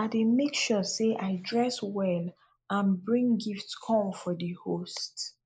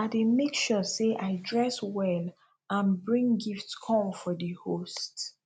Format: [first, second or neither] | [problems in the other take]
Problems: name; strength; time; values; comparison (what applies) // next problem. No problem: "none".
second | noise reduction (neural mask model Resemble Enhance denoiser)